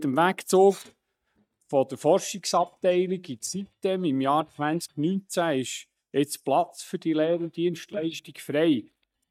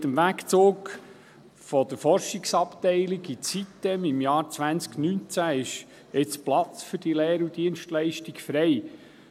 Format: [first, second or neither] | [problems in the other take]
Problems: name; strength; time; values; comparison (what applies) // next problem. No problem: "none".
second | noise reduction (neural mask model DeepFilterNet 3)